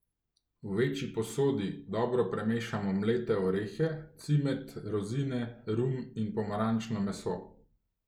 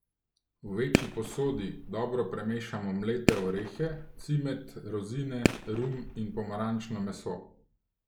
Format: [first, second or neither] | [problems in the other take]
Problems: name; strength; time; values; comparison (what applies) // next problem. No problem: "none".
first | background sound (Fireworks); 1 dB below the speech